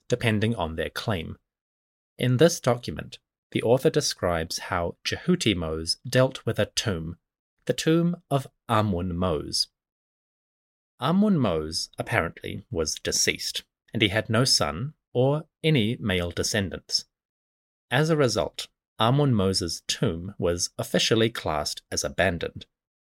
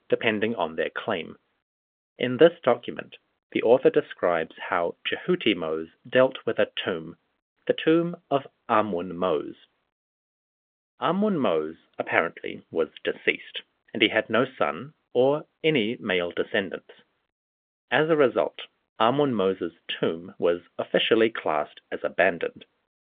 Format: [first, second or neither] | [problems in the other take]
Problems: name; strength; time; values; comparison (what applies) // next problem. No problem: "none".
first | phone-call audio; nothing above 3.5 kHz